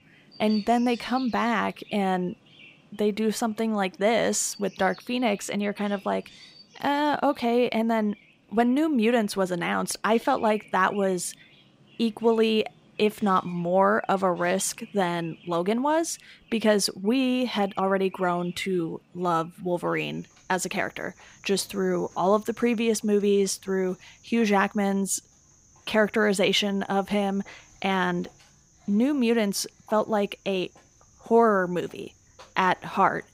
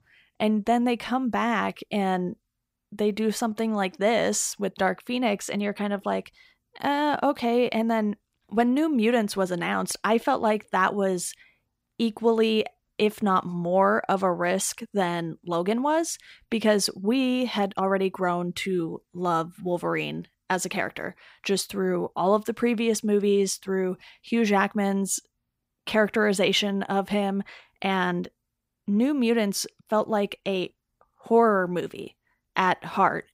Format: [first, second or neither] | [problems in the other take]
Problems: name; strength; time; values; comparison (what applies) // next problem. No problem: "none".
second | animal sounds; faint; throughout; 25 dB below the speech